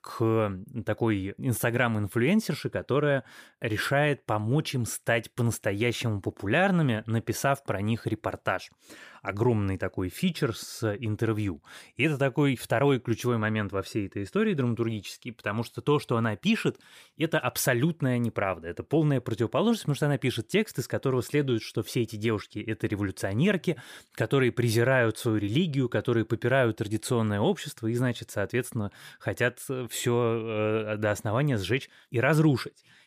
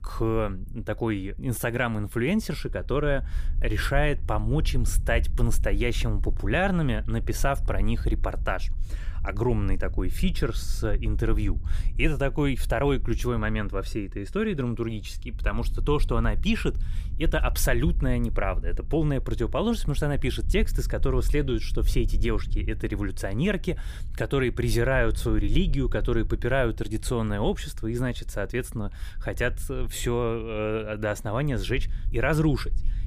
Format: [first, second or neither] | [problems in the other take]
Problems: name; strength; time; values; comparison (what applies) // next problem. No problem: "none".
first | low rumble; faint; throughout; 25 dB below the speech